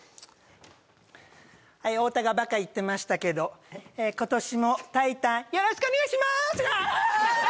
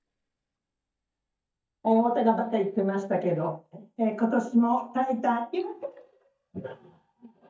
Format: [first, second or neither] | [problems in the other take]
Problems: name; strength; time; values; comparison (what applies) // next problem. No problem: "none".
first | noise reduction (neural mask model DeepFilterNet 3)